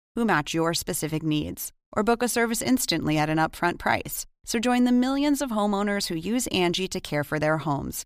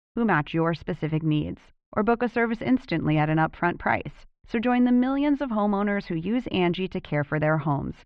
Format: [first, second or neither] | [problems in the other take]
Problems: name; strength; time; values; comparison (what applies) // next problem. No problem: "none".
first | muffled; very; fading above 2.5 kHz